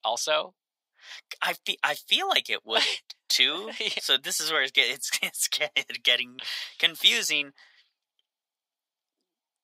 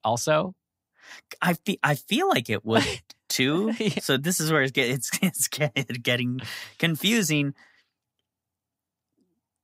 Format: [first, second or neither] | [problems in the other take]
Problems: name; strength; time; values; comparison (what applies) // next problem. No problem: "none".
second | thin; very; fading below 650 Hz